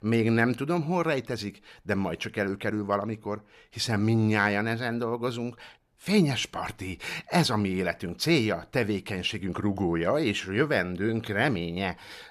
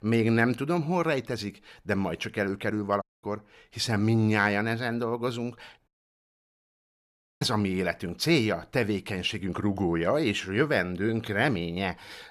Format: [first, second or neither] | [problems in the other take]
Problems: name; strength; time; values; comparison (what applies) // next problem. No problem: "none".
first | audio cutting out; at 3 s and at 6 s for 1.5 s